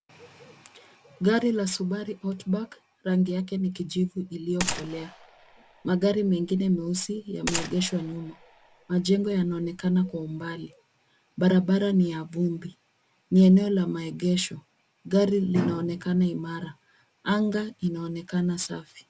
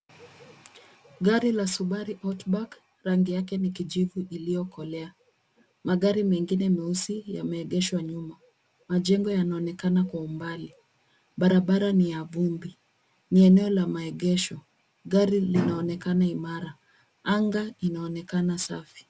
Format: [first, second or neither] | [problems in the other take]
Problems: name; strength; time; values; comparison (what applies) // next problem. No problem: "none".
second | background sound (Gunshot, gunfire); 12 dB below the speech